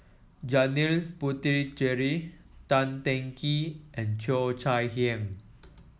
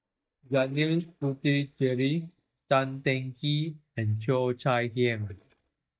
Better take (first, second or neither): first